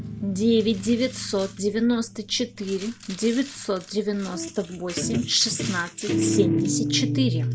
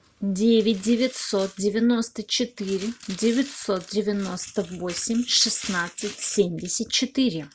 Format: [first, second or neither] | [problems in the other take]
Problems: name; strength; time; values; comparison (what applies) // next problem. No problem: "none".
second | background sound (Guitar); 4 dB below the speech